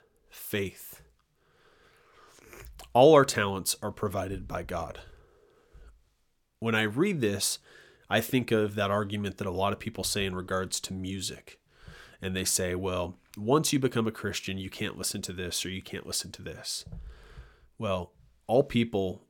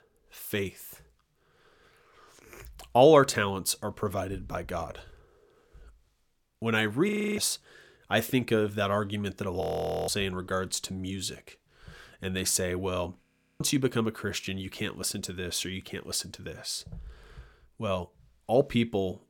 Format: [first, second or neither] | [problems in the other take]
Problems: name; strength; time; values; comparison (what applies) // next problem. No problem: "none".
first | audio freezing; at 7 s, at 9.5 s and at 13 s